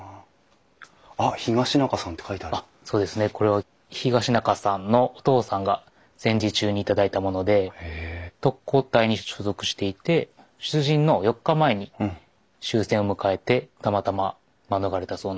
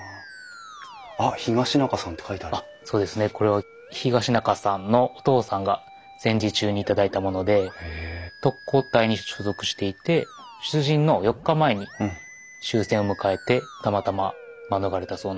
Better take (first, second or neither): first